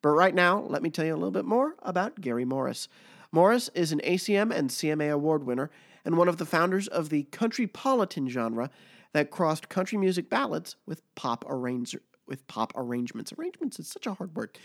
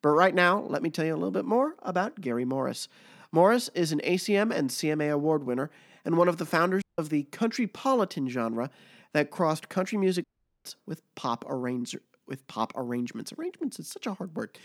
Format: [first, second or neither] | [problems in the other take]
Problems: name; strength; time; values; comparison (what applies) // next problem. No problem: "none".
first | audio cutting out; at 7 s and at 10 s